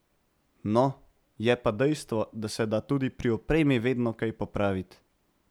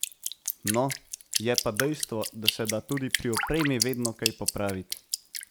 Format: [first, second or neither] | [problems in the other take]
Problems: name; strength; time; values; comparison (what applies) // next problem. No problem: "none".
first | background sound (Drip); 2 dB below the speech